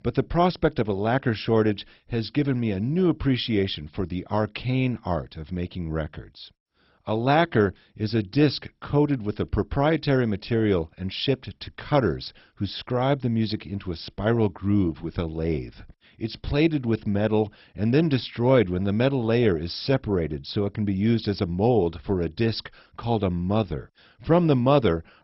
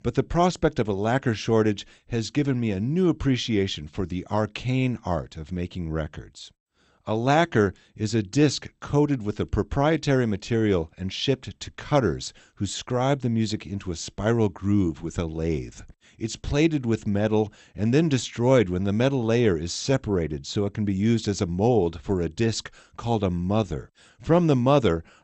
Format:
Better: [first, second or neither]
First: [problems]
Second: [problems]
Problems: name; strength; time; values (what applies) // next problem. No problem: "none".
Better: second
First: garbled, watery; badly; nothing above 5.5 kHz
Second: garbled, watery; slightly; nothing above 8 kHz